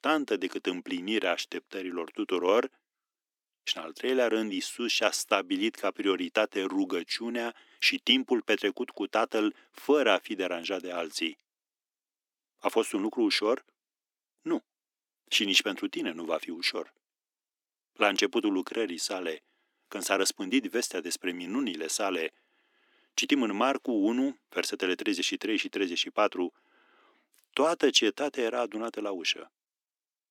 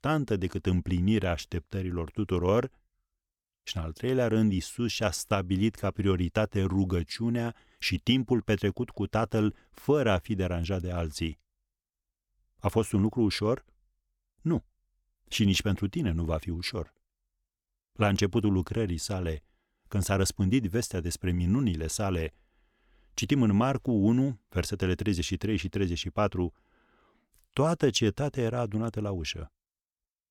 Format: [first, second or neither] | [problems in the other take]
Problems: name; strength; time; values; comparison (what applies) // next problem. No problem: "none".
second | thin; somewhat; fading below 250 Hz